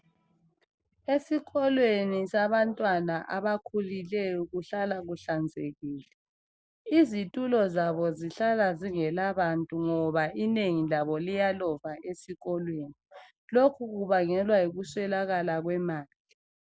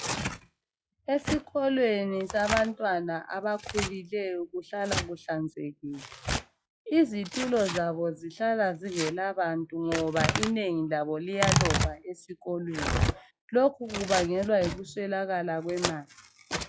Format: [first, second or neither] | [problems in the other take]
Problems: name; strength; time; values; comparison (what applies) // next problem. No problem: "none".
first | noise reduction (classical method log-MMSE)